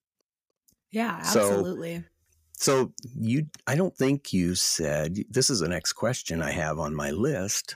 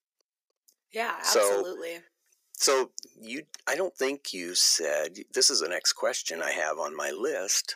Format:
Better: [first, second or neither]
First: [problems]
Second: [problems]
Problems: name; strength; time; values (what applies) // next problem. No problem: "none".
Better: first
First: none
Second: thin; very; fading below 400 Hz